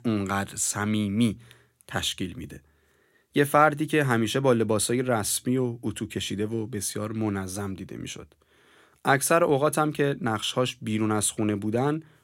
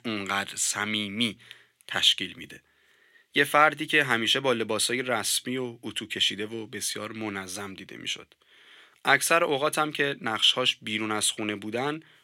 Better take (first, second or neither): first